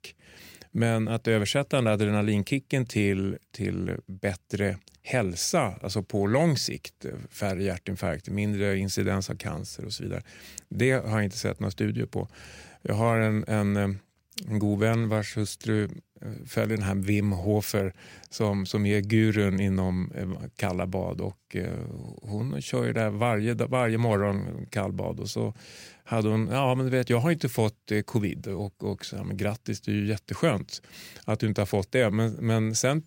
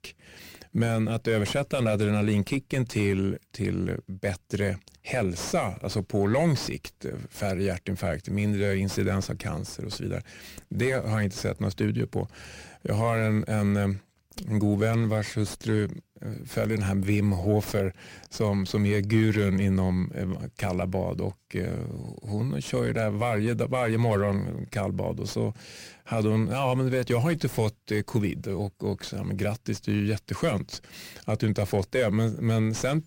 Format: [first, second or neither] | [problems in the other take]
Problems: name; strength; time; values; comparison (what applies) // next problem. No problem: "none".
first | distortion; slight; 9 dB below the speech